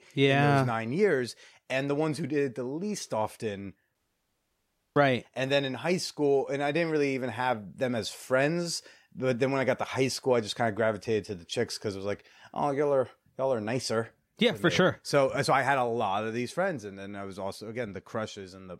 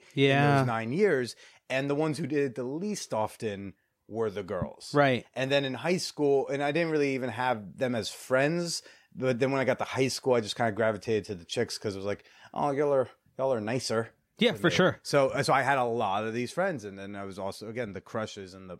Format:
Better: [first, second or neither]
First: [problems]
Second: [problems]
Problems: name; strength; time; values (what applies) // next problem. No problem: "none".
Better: second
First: audio cutting out; at 4 s for 1 s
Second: none